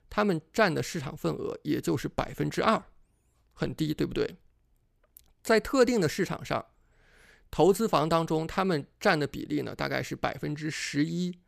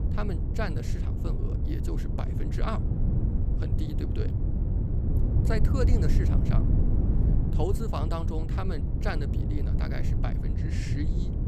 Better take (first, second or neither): first